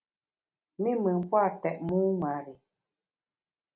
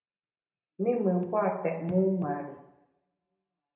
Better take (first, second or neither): first